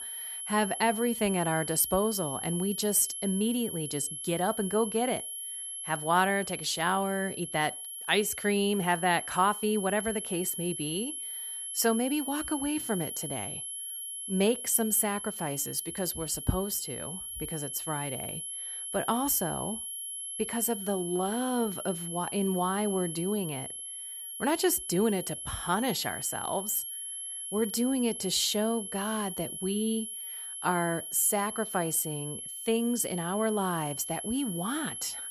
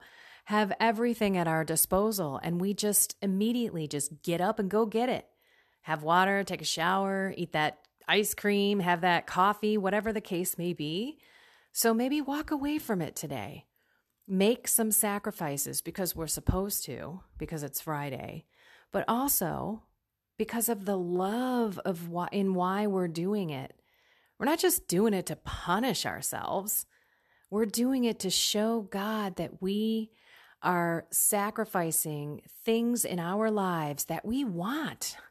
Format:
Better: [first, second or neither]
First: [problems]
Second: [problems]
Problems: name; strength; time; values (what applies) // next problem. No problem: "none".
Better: second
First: high-pitched whine; loud; throughout; 11 kHz, 6 dB below the speech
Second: none